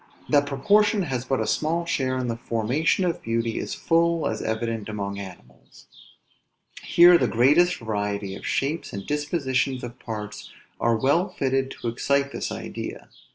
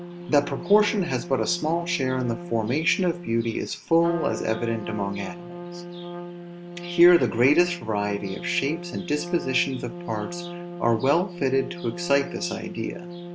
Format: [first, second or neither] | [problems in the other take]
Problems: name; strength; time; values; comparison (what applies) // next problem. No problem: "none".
first | background sound (Trumpet); 11 dB below the speech